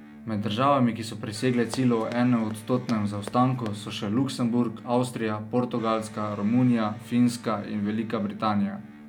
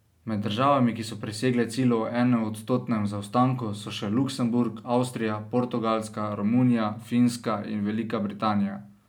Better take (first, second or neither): second